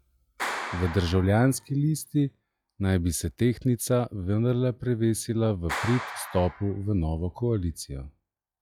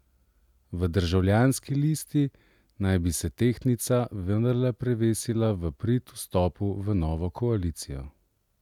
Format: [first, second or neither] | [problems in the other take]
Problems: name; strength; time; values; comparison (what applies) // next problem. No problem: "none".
second | noise reduction (classical method log-MMSE)